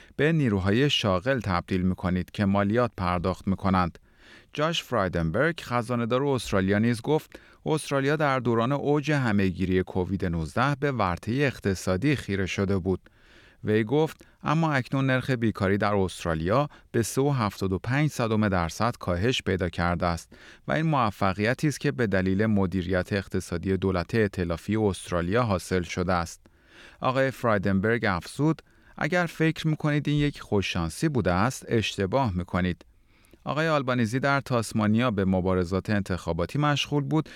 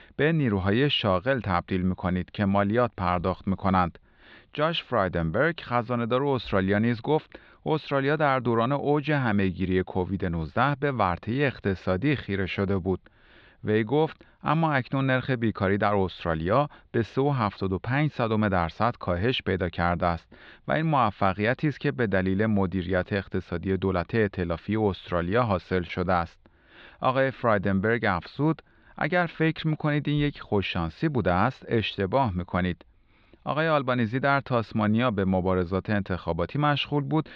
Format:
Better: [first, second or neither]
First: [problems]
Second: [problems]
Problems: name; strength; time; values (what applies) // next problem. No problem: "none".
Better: first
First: none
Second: muffled; slightly; fading above 4 kHz